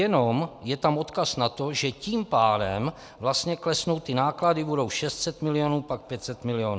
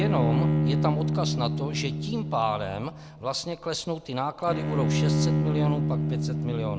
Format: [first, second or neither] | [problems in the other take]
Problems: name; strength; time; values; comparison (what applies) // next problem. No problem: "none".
first | background sound (Bowed string instrument); 4 dB above the speech